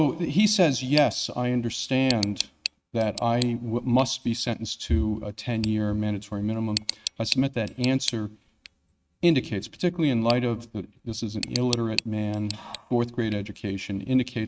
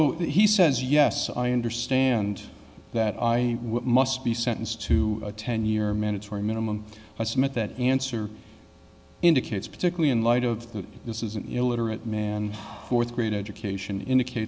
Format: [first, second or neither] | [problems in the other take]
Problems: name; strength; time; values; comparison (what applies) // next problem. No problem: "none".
second | noise reduction (neural mask model RNNoise)